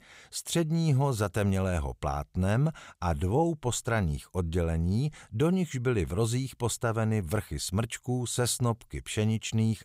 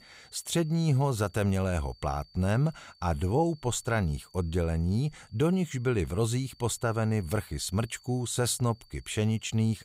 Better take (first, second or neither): first